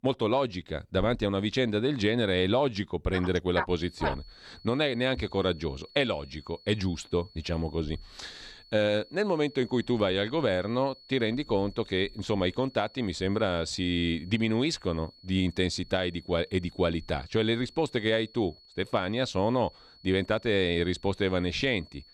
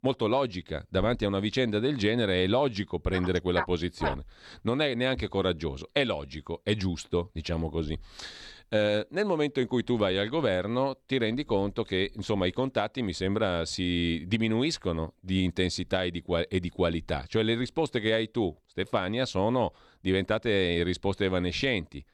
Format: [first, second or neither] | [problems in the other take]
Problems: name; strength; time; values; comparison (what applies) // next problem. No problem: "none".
second | high-pitched whine; faint; from 3.5 s on; 4.5 kHz, 25 dB below the speech